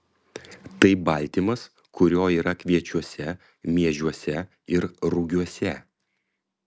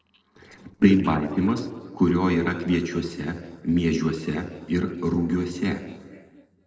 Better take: first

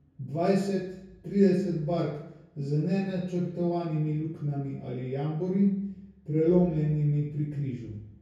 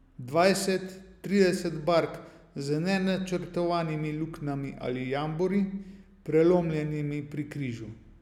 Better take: second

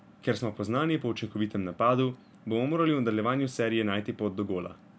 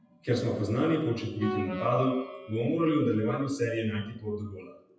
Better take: first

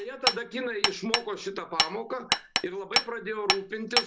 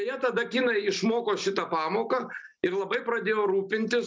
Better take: second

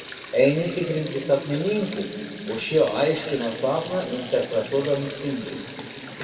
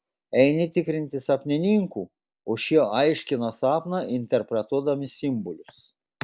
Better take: second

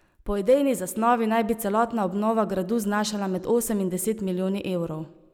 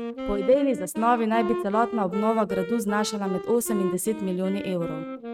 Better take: first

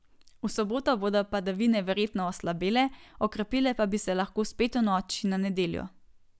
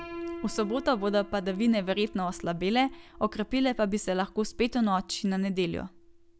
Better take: first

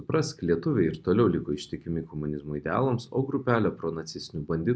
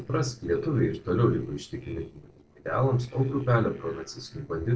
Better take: first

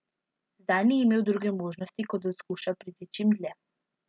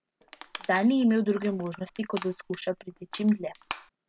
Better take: first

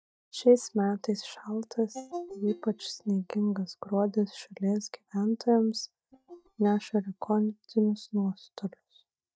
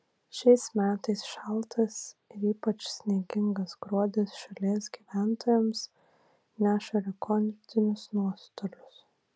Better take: second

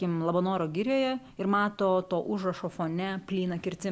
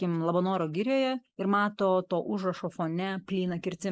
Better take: first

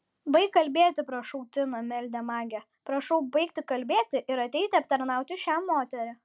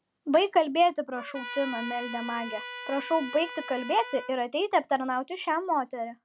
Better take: first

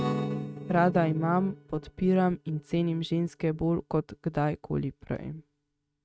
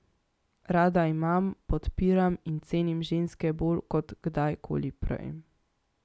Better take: second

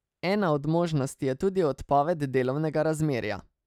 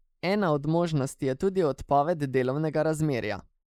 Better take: first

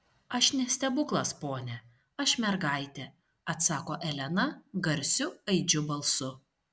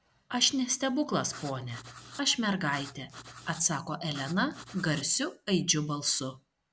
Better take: first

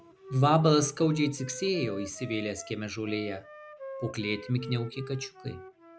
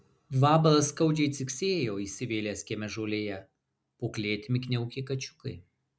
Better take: second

